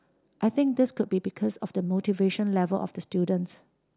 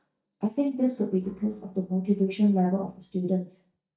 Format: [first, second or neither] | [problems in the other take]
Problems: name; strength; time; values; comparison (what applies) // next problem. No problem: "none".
first | noise reduction (neural mask model DeepFilterNet 3)